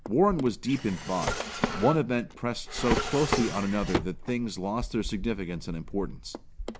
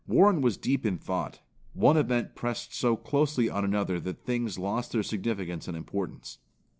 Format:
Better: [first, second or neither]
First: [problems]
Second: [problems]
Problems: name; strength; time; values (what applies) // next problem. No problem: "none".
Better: second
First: background sound (Drawer open or close); 5 dB below the speech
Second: none